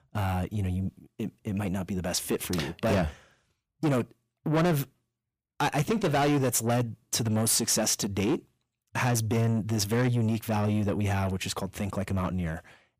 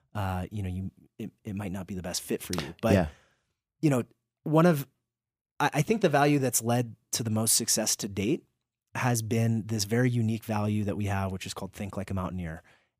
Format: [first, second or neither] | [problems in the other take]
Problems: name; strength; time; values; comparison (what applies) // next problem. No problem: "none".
second | distortion; heavy; 8 dB below the speech